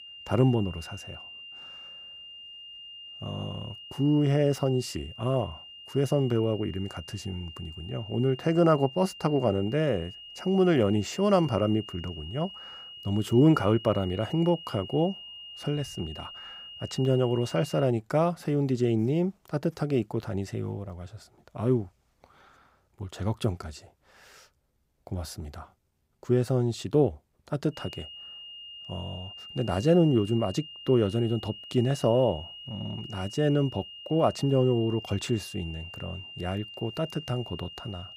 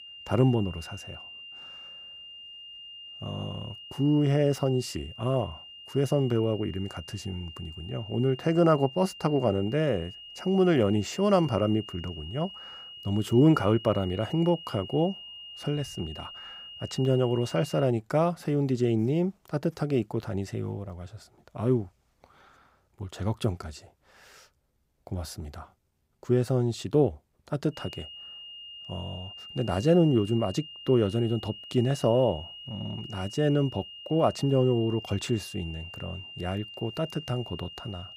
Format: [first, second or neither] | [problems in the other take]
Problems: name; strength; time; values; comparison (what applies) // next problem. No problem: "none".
neither | high-pitched whine; noticeable; until 18 s and from 28 s on; 3 kHz, 15 dB below the speech; the same in both